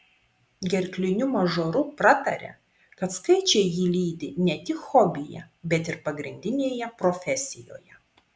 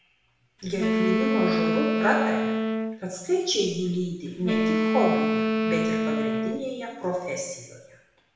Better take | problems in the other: first | background sound (Wind instrument, woodwind instrument); 3 dB above the speech // room echo; dies away in 0.9 s

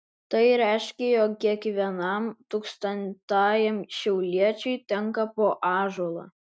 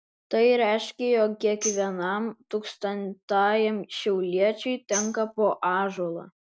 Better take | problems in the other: first | background sound (Tambourine); 12 dB below the speech

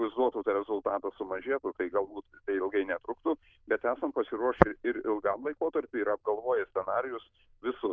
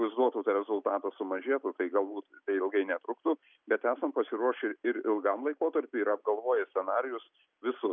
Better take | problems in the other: second | noise reduction (neural diffusion model UNIVERSE++)

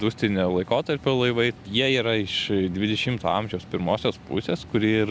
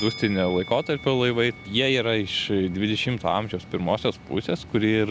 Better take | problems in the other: first | background sound (Musical instrument); 19 dB below the speech

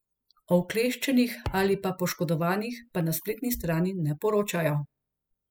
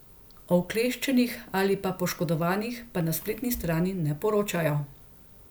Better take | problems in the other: second | noise reduction (classical method spectral subtraction)

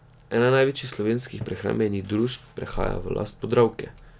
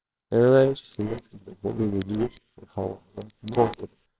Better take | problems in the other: first | noise reduction (neural separator model SepFormer WHAMR!)

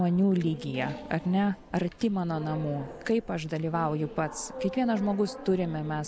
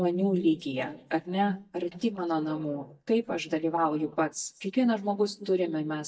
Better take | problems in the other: first | noise reduction (neural mask model DeepFilterNet 3)

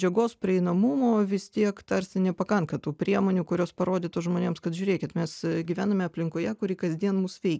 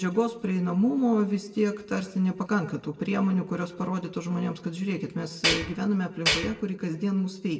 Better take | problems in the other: first | background sound (Tools); 1 dB above the speech // room echo; dies away in 0.7 s

